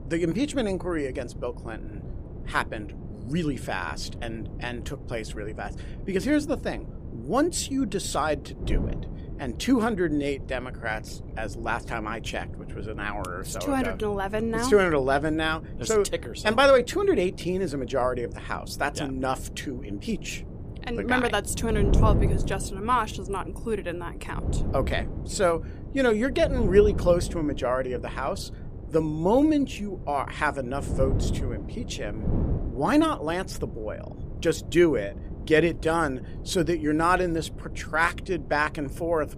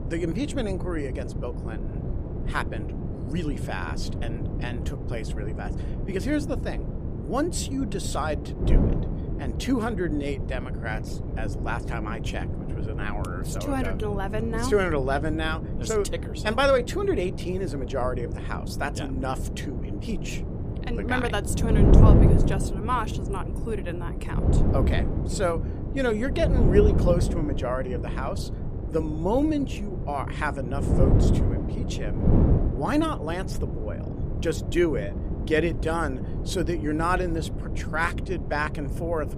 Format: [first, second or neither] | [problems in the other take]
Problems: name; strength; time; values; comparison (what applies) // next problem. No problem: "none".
first | wind noise on the microphone; heavy; 7 dB below the speech; occasional gusts in the first